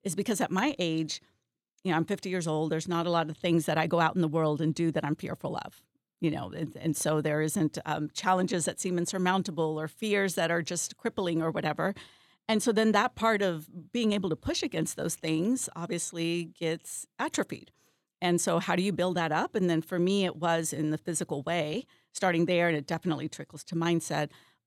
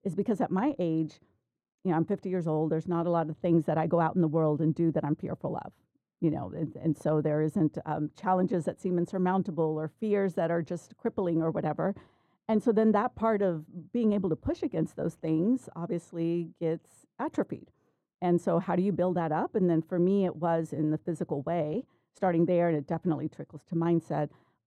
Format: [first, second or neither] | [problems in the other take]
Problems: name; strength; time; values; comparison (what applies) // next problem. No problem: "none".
first | muffled; very; fading above 2 kHz